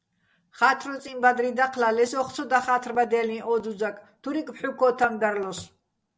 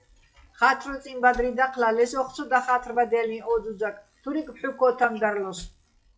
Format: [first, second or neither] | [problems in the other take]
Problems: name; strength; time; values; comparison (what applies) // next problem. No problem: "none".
first | noise reduction (classical method log-MMSE)